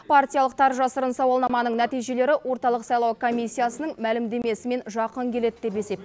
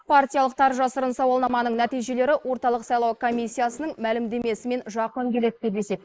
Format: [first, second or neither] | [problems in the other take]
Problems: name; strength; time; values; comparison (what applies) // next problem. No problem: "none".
first | noise reduction (neural mask model Resemble Enhance denoiser)